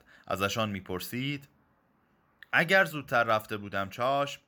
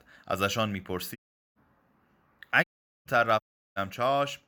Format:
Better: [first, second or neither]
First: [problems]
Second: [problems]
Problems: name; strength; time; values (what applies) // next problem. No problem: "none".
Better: first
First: none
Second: audio cutting out; at 1 s, at 2.5 s and at 3.5 s